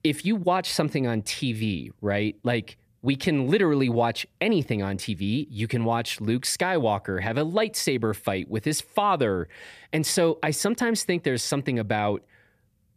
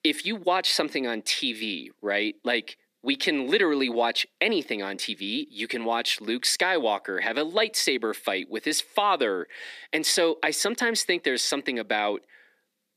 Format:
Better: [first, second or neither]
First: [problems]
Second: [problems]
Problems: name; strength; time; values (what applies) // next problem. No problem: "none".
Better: first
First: none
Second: thin; somewhat; fading below 250 Hz